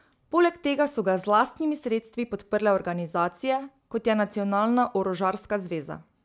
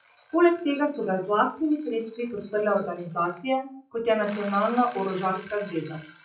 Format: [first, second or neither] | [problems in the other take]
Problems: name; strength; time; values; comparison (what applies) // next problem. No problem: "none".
first | noise reduction (classical method WPE with log-MMSE)